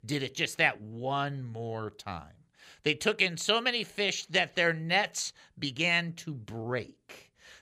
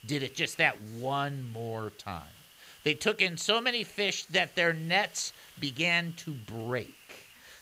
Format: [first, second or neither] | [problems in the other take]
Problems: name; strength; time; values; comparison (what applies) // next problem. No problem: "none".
first | hiss; faint; throughout; 25 dB below the speech